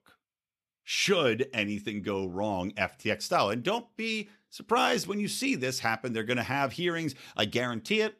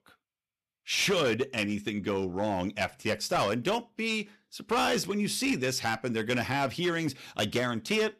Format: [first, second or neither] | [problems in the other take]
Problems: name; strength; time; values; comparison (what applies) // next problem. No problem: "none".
first | distortion; slight; 6% of the sound clipped